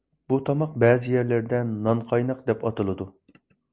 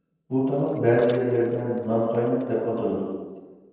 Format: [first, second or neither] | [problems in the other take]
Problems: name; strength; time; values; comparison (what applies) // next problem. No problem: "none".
first | noise reduction (neural separator model SepFormer DNS4)